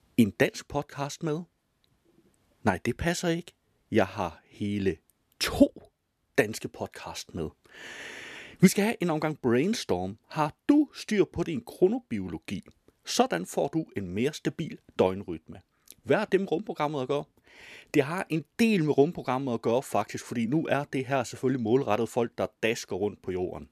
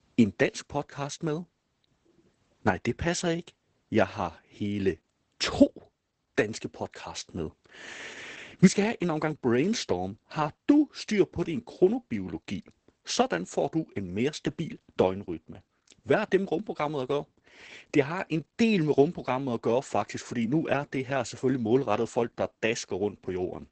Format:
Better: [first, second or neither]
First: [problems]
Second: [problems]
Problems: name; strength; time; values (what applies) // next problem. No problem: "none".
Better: first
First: none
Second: garbled, watery; badly; nothing above 8 kHz